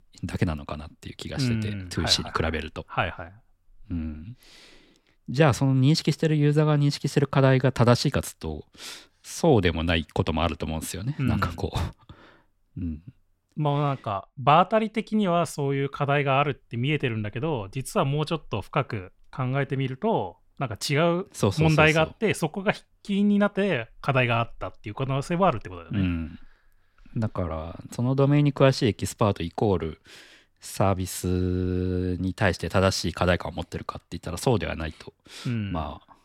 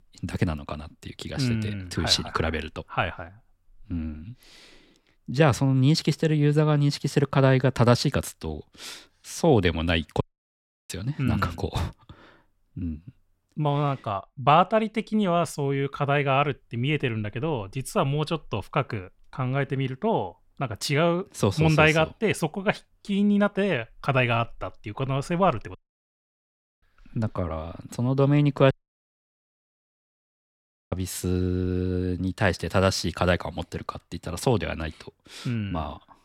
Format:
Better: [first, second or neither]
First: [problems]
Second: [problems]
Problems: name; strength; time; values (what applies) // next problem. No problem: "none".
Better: first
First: none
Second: audio cutting out; at 10 s for 0.5 s, at 26 s for 1 s and at 29 s for 2 s